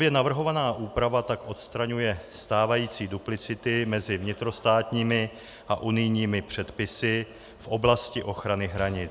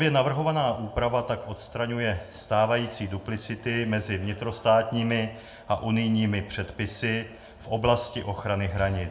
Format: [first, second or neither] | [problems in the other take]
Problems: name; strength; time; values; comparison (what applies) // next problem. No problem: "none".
first | room echo; dies away in 0.5 s